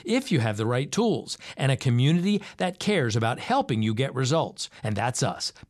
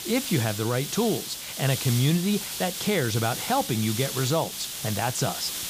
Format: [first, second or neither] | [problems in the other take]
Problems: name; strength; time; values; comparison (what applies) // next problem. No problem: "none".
first | hiss; loud; throughout; 5 dB below the speech